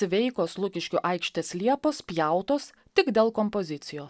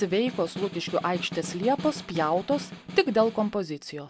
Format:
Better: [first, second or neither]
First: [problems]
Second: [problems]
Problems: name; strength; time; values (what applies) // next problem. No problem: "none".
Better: first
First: none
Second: background sound (Snare drum); 13 dB below the speech